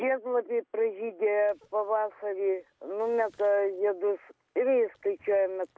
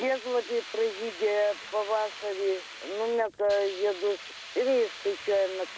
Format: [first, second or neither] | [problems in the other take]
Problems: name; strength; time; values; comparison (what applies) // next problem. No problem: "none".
first | background sound (Hiss); 14 dB below the speech